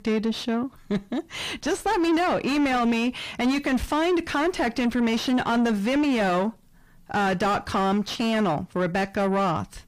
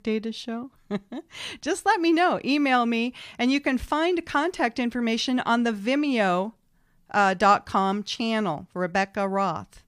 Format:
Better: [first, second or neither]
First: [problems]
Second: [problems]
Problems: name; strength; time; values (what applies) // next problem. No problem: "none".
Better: second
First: distortion; heavy; 6 dB below the speech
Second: none